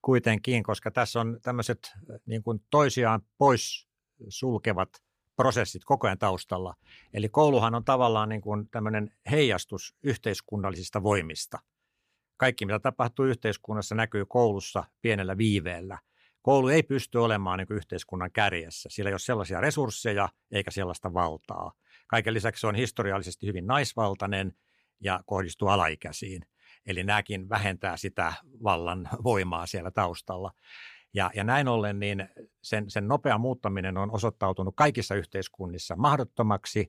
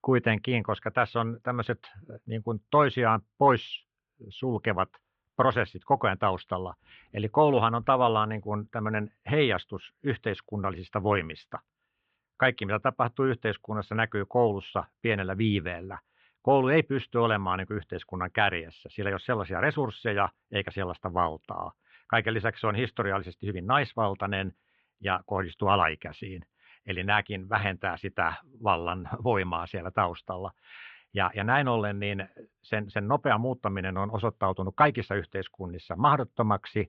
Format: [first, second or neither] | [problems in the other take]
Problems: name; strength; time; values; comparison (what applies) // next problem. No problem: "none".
first | muffled; very; fading above 3.5 kHz